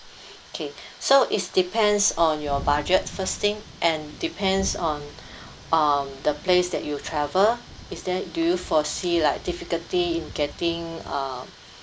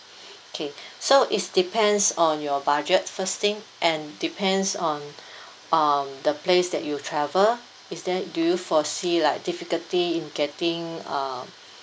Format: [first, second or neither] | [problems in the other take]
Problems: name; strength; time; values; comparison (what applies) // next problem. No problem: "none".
second | background sound (Thunderstorm); 16 dB below the speech